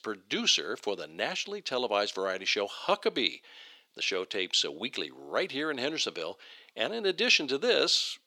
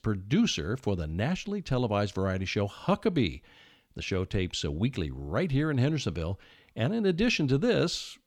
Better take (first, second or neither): second